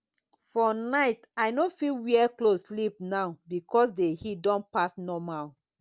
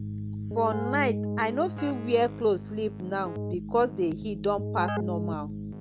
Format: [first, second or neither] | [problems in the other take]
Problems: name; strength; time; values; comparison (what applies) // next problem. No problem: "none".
first | background sound (Keyboard (musical)); 4 dB below the speech